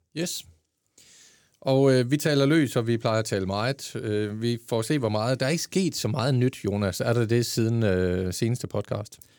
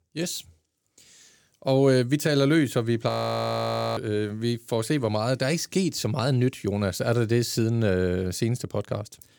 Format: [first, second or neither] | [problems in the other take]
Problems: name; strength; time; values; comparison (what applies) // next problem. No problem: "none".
first | audio freezing; at 3 s for 1 s